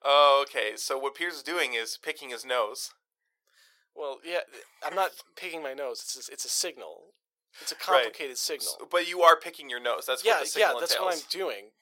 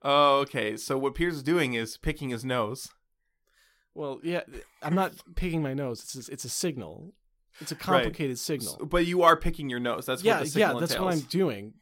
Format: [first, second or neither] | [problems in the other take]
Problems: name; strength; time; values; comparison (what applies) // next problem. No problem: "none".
second | thin; very; fading below 500 Hz